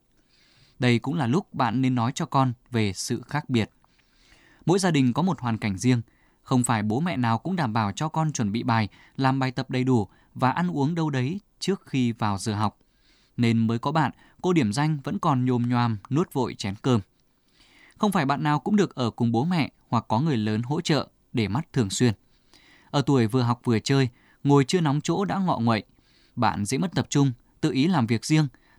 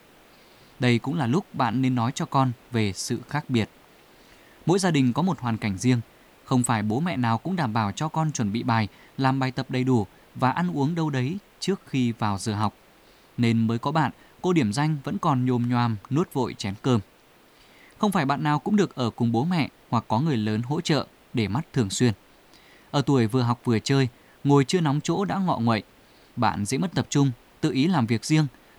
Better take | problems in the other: first | hiss; faint; throughout; 30 dB below the speech

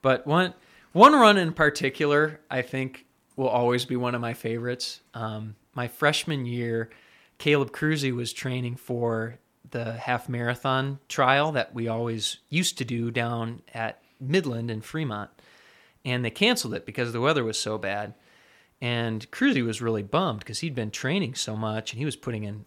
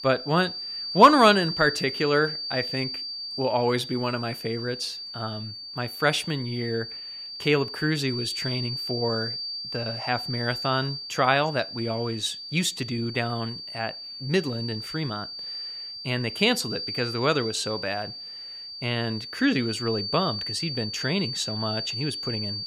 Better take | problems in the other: first | high-pitched whine; loud; throughout; 4.5 kHz, 6 dB below the speech

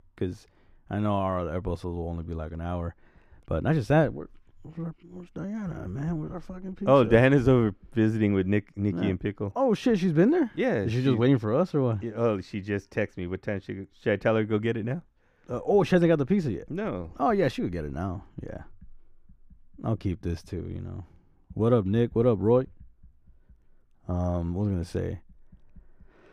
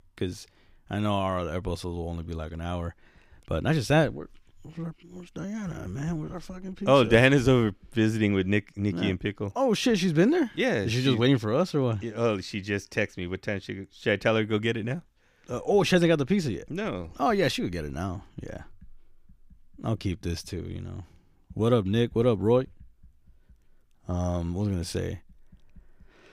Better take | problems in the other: second | muffled; slightly; fading above 2 kHz

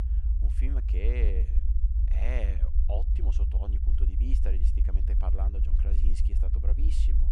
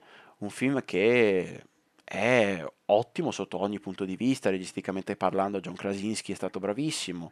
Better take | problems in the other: second | low rumble; loud; throughout; 4 dB below the speech

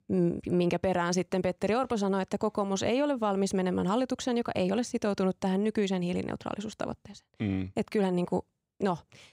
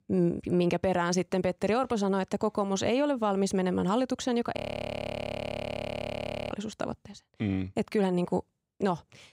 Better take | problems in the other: first | audio freezing; at 4.5 s for 2 s

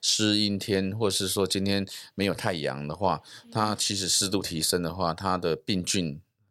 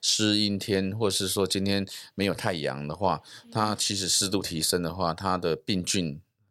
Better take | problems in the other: neither | none

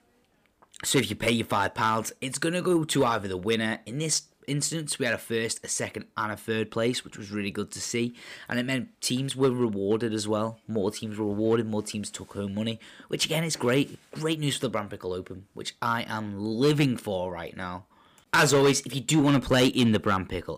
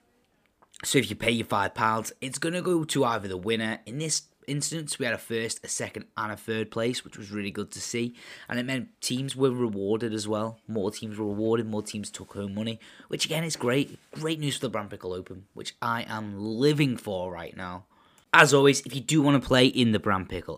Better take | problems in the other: second | distortion; slight; 2% of the sound clipped

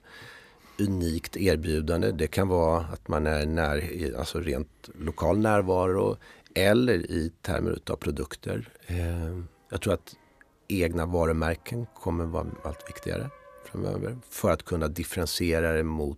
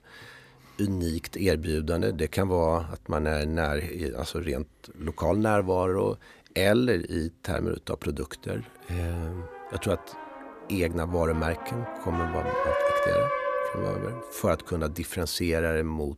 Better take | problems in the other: first | background music; loud; throughout; 2 dB below the speech; faint in the first

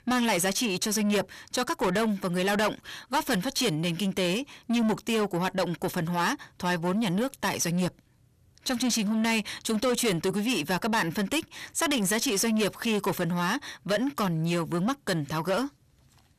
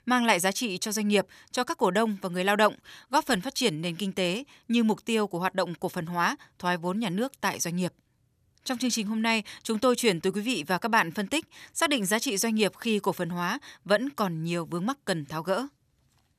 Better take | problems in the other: second | distortion; heavy; 7 dB below the speech

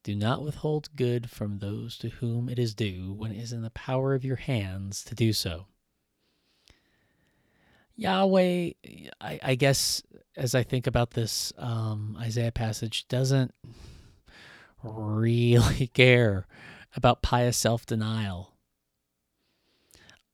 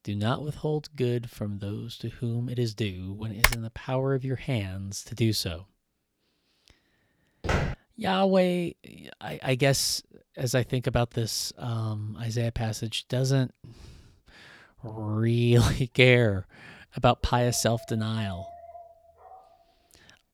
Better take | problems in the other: first | keyboard typing; loud; at 3.5 s; peak 3 dB above the speech // footsteps; noticeable; at 7.5 s; peak 1 dB below the speech // dog barking; faint; from 17 to 20 s; peak 15 dB below the speech

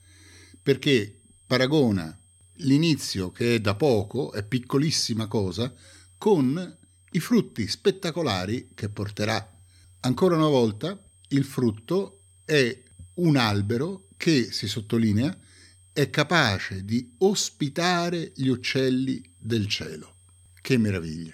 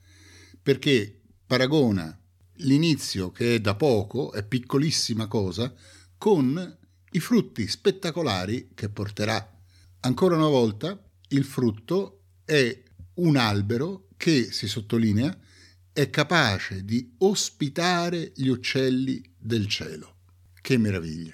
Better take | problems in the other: second | high-pitched whine; faint; throughout; 8.5 kHz, 35 dB below the speech

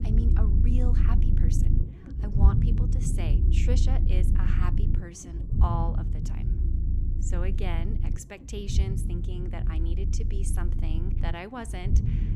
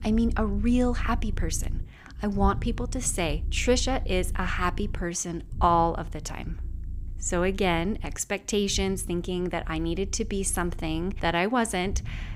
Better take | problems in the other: second | low rumble; loud; throughout; 3 dB below the speech; faint in the second

